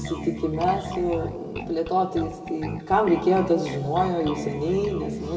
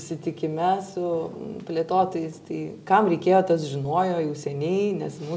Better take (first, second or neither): second